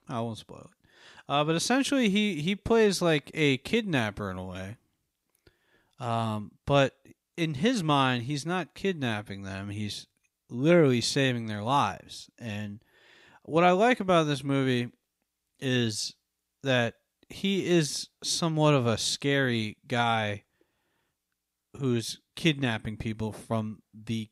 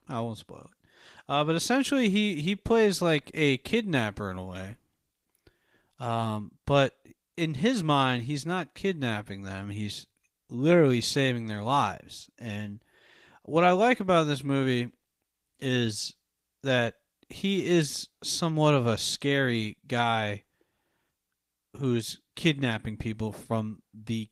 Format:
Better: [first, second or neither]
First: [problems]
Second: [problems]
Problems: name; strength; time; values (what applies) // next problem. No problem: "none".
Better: first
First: none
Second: garbled, watery; slightly; nothing above 15.5 kHz